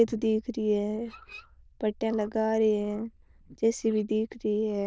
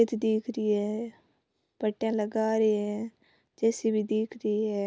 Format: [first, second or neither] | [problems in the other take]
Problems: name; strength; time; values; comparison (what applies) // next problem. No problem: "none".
second | noise reduction (neural diffusion model UNIVERSE++)